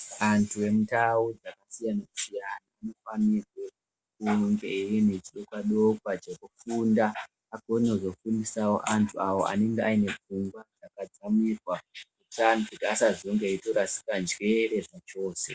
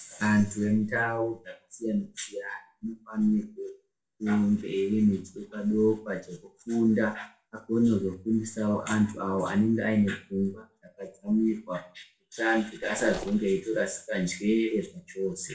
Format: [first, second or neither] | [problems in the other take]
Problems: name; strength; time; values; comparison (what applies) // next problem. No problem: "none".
first | background sound (Mechanisms); 13 dB below the speech // room echo; dies away in 0.3 s